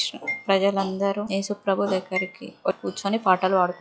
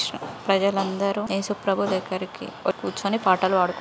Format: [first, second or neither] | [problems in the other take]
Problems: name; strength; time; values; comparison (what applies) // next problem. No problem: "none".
second | noise reduction (classical method log-MMSE)